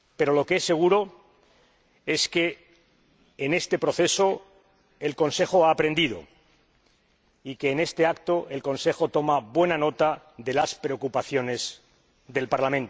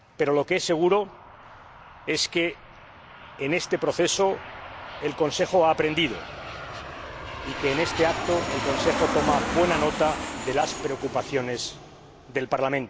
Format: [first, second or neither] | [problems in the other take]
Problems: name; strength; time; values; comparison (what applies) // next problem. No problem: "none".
first | background sound (Aircraft); 7 dB below the speech